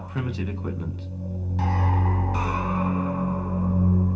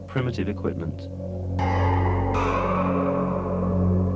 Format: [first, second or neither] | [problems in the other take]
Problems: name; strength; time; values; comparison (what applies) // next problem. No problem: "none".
second | room echo; dies away in 0.8 s